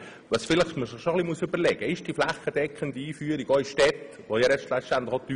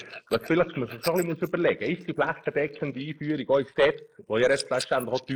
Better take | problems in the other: first | noise reduction (neural mask model Resemble Enhance denoiser)

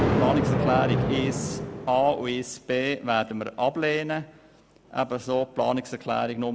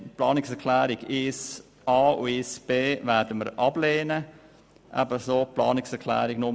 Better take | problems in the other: second | background sound (Thunder); 3 dB below the speech

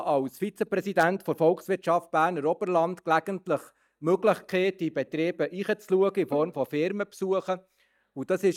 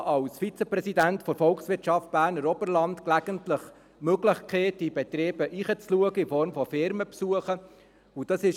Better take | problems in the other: second | noise reduction (neural mask model DeepFilterNet 3)

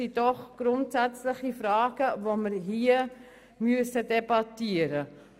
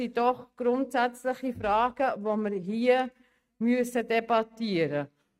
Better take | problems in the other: first | noise reduction (neural mask model RNNoise)

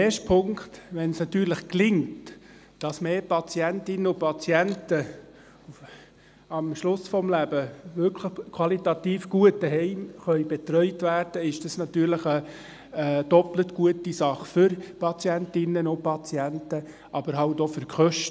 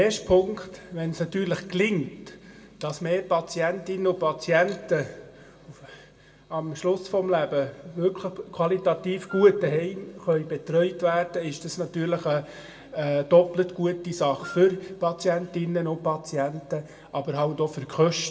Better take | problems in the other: first | background sound (Wind instrument, woodwind instrument); 17 dB below the speech // room echo; dies away in 1.5 s

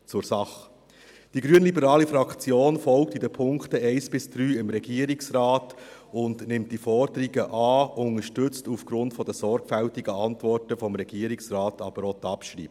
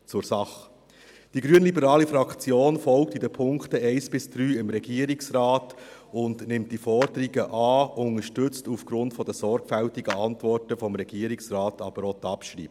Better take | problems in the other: first | background sound (Clapping); 17 dB below the speech

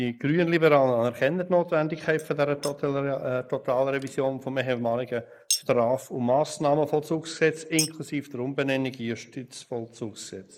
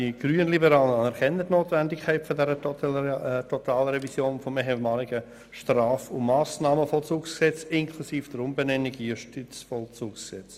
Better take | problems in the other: second | noise reduction (neural mask model Resemble Enhance denoiser)

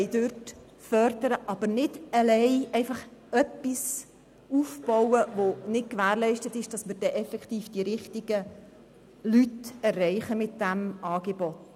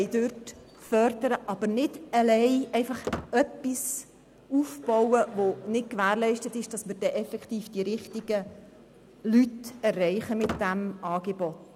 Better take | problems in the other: first | background sound (Squeak); 16 dB below the speech

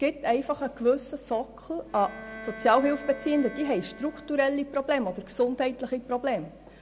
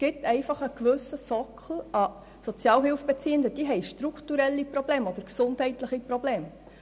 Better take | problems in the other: second | background sound (Bowed string instrument); 16 dB below the speech

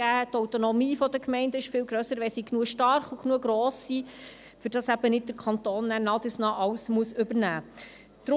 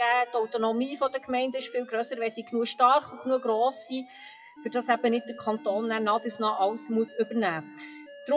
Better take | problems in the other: first | noise reduction (classical method WPE with log-MMSE)

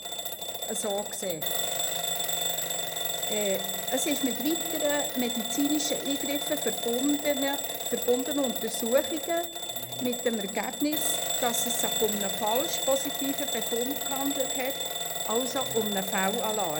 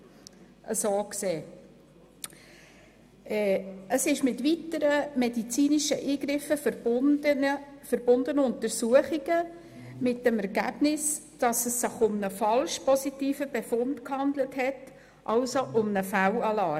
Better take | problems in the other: second | background sound (Alarm / Bell); 1 dB below the speech

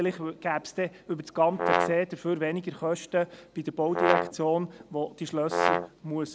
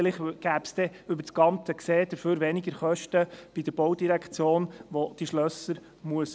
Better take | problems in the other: second | background sound (Brass instrument); 2 dB above the speech

